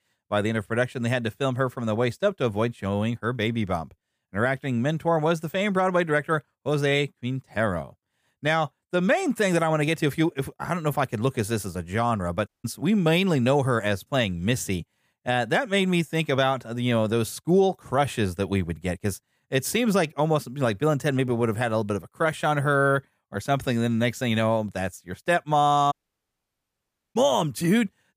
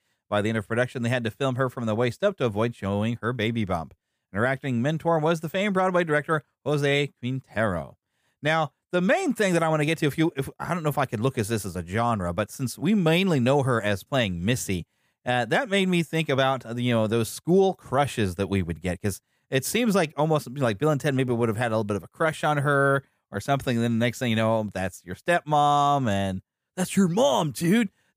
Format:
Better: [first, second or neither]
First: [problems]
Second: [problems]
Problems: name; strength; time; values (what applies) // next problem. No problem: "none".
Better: second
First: audio cutting out; at 12 s and at 26 s for 1 s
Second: none